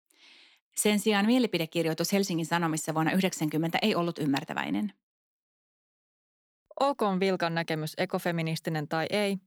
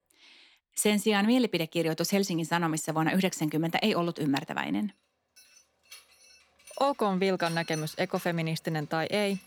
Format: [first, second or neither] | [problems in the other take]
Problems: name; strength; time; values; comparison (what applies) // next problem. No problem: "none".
first | machinery noise; faint; throughout; 20 dB below the speech